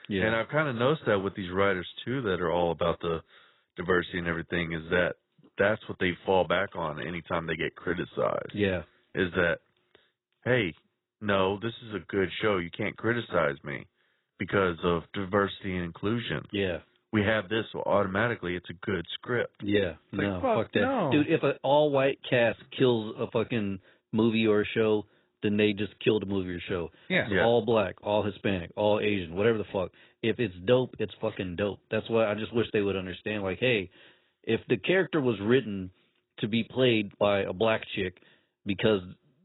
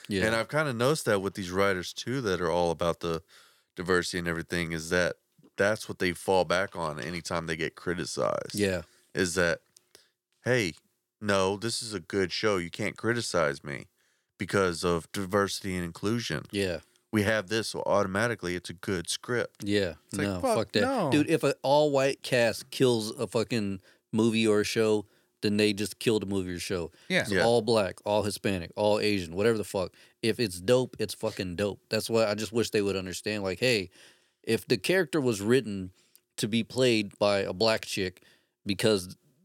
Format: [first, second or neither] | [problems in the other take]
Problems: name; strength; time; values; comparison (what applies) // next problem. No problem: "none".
second | garbled, watery; badly; nothing above 4 kHz